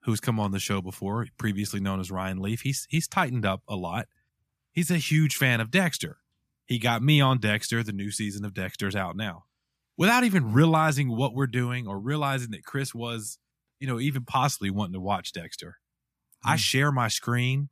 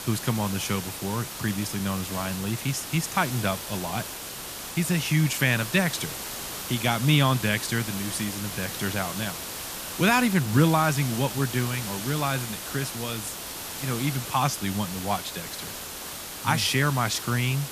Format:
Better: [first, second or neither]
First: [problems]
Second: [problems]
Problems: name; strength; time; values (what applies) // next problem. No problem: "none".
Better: first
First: none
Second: hiss; loud; throughout; 7 dB below the speech